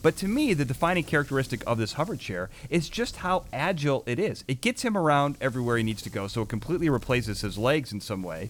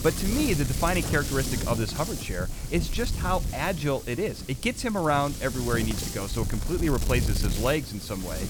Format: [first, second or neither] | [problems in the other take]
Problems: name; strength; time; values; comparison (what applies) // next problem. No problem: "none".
first | wind noise on the microphone; heavy; 8 dB below the speech; occasional gusts in the first